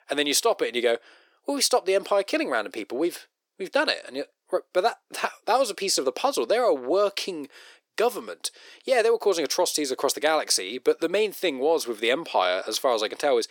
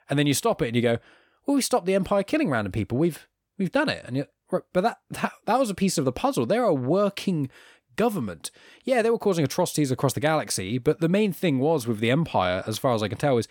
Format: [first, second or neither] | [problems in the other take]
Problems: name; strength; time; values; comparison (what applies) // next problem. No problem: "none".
second | thin; somewhat; fading below 350 Hz